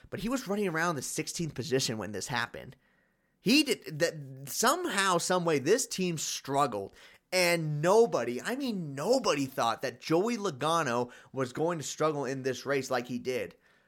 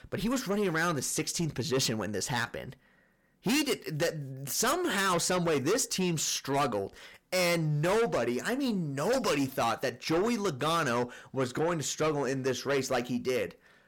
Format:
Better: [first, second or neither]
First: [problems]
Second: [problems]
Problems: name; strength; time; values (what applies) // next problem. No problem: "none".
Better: first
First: none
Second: distortion; heavy; 7 dB below the speech